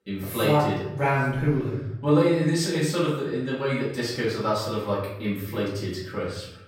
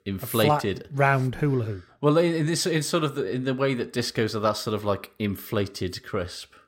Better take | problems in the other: second | off-mic speech; far // room echo; noticeable; dies away in 0.7 s

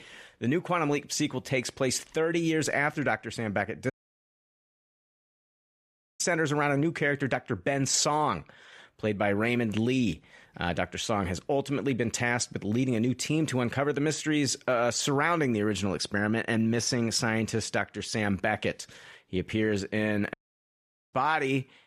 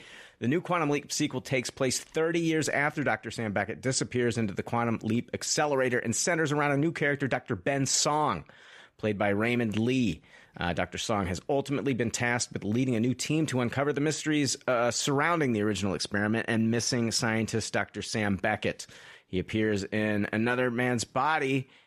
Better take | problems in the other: second | audio cutting out; at 4 s for 2.5 s and at 20 s for 1 s

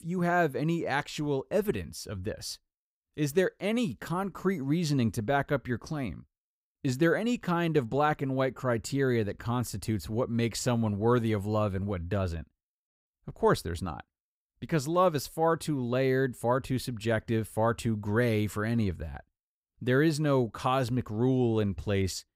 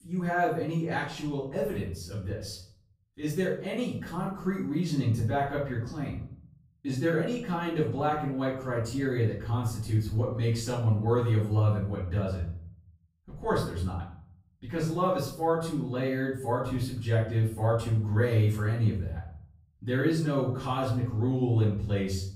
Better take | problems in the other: first | off-mic speech; far // room echo; noticeable; dies away in 0.5 s

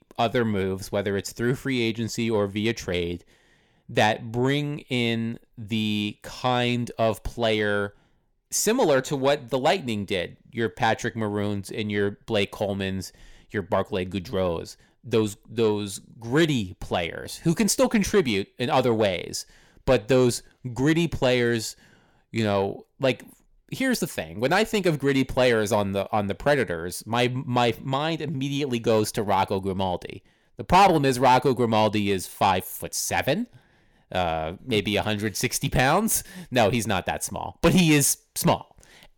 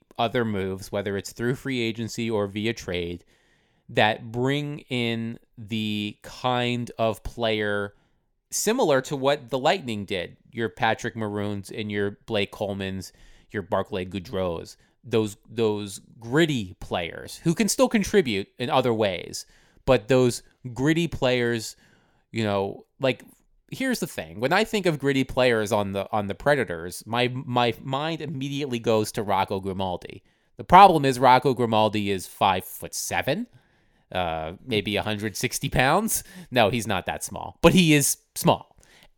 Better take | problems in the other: second | distortion; slight; 10 dB below the speech

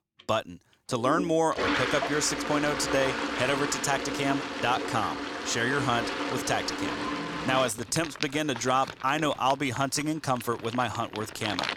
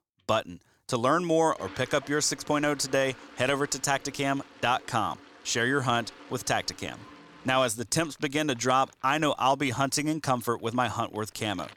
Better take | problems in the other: second | household noises; loud; throughout; 4 dB below the speech; faint in the second

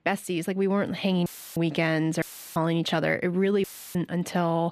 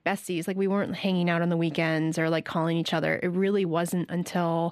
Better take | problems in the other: second | audio cutting out; filled with static; at 1.5 s, at 2 s and at 3.5 s

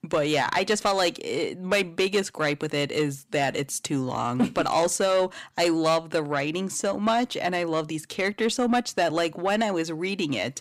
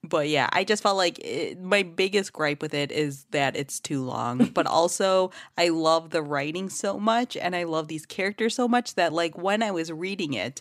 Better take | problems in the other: second | distortion; slight; 10 dB below the speech

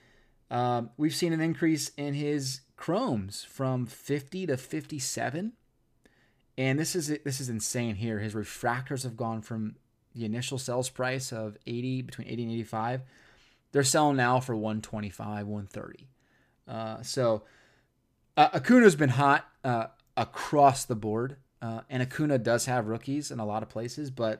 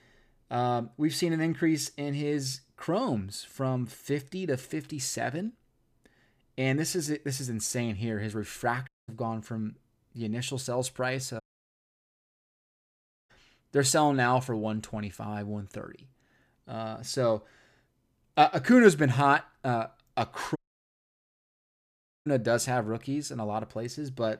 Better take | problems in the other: first | audio cutting out; at 9 s, at 11 s for 2 s and at 21 s for 1.5 s

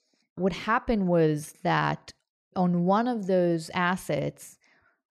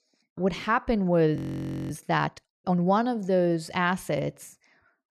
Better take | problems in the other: first | audio freezing; at 1.5 s for 0.5 s

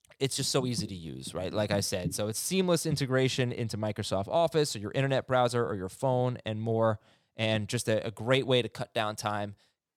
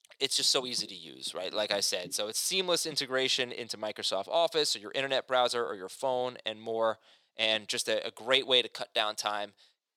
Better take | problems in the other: first | thin; somewhat; fading below 400 Hz

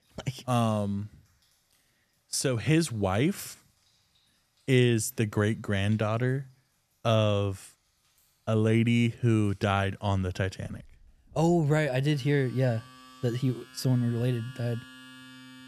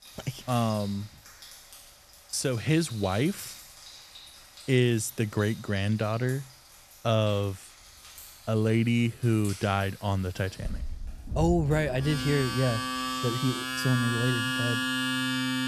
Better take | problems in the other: first | household noises; loud; throughout; 5 dB below the speech; faint in the first

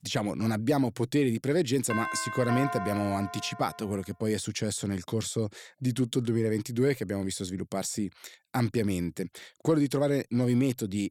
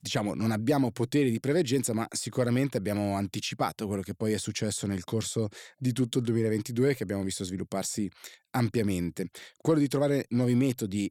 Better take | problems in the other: second | doorbell; noticeable; from 2 to 4 s; peak 3 dB below the speech

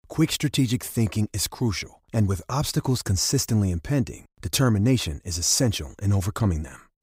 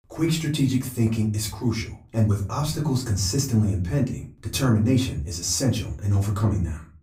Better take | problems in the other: first | off-mic speech; far // room echo; very slight; dies away in 0.3 s

